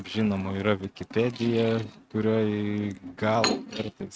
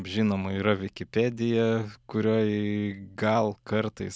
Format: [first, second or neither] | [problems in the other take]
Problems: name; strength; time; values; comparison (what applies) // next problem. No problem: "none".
second | noise reduction (neural mask model RNNoise)